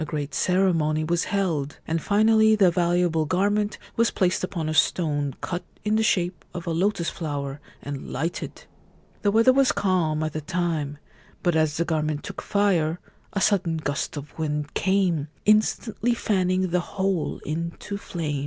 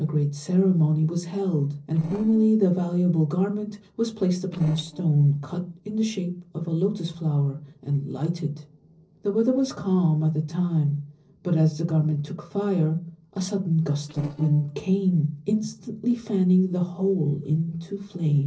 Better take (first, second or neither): first